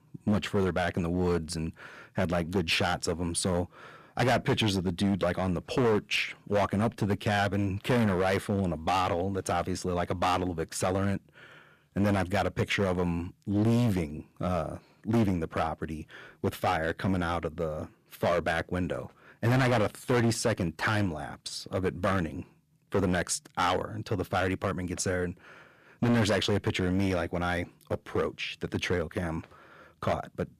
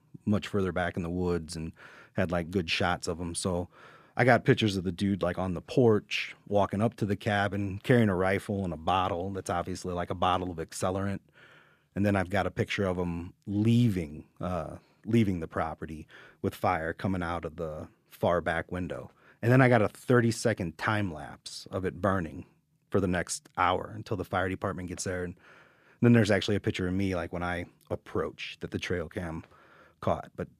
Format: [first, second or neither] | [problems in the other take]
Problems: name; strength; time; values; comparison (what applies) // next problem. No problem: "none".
second | distortion; heavy; 8% of the sound clipped